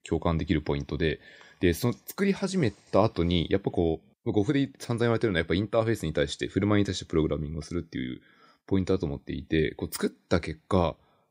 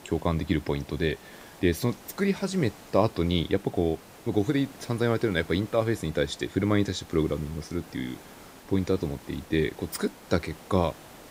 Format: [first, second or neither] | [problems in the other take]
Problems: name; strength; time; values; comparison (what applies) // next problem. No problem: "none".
first | hiss; noticeable; throughout; 20 dB below the speech